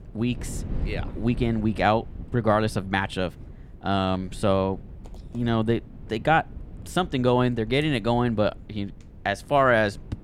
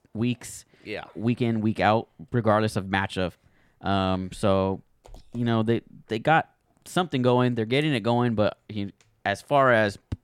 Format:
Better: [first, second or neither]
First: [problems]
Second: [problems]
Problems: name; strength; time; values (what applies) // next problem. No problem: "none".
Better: second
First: wind noise on the microphone; occasional gusts; 25 dB below the speech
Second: none